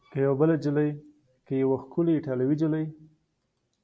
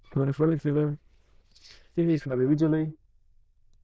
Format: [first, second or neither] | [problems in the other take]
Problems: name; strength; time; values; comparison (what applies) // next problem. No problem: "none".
first | noise reduction (neural diffusion model UNIVERSE++)